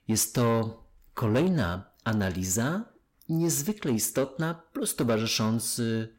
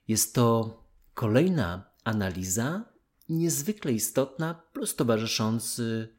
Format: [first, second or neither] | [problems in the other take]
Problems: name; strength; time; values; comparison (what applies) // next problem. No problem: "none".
second | distortion; slight; 10 dB below the speech